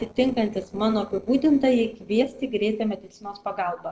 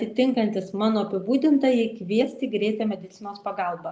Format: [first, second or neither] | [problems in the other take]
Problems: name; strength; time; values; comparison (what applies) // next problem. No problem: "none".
second | noise reduction (neural separator model SepFormer DNS4)